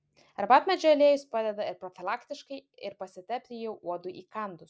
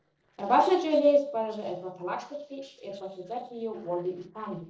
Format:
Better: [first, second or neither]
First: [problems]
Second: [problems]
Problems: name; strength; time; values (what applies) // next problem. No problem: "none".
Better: first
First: none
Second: noise reduction (neural separator model SepFormer DNS4)